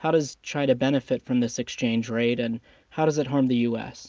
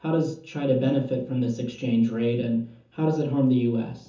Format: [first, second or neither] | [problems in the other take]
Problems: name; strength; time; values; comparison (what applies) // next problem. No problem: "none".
first | room echo; dies away in 0.6 s